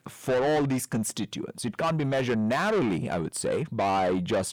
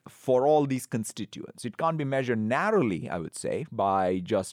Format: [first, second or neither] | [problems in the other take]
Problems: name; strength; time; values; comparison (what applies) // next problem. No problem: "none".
second | distortion; heavy; 8 dB below the speech